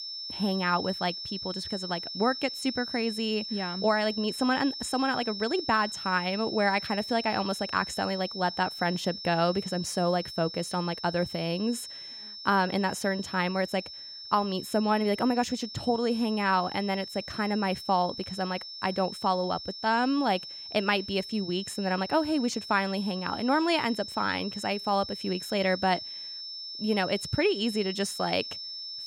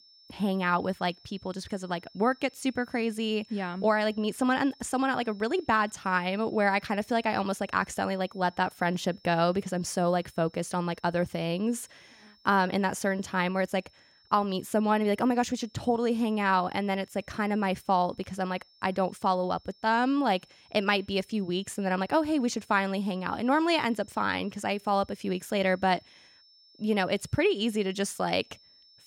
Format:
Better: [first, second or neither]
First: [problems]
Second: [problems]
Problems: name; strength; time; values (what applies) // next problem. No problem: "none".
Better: second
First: high-pitched whine; loud; throughout; 5.5 kHz, 8 dB below the speech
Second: high-pitched whine; faint; throughout; 5.5 kHz, 30 dB below the speech